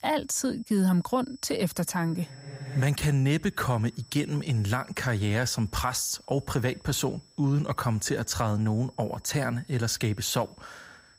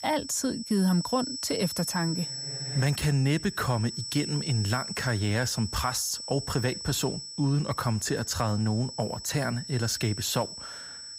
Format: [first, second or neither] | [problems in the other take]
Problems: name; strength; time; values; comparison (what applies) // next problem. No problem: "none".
first | high-pitched whine; loud; throughout; 5.5 kHz, 7 dB below the speech; faint in the first